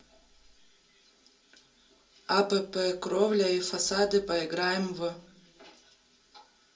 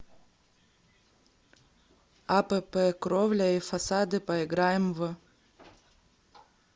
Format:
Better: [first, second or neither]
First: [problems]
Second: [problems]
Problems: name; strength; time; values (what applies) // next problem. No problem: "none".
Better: second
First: room echo; dies away in 0.2 s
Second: none